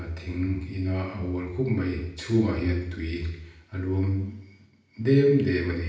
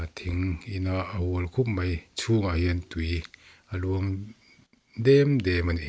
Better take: second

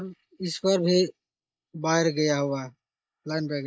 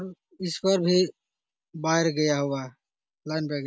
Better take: second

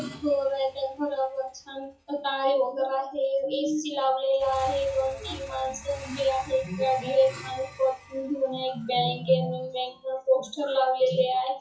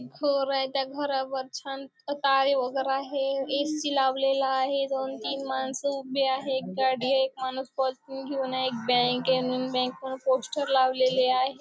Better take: second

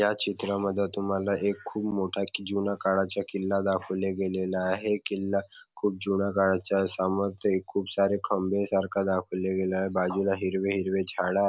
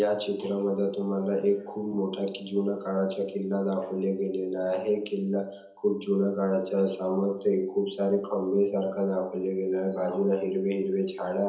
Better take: first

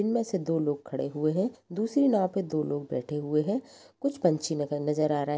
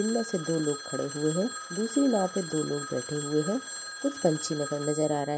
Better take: first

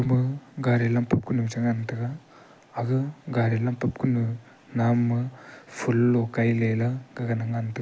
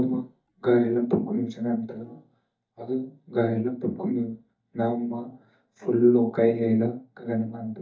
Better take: first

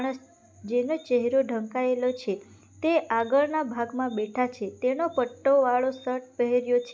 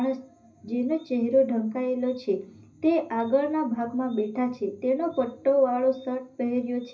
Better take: first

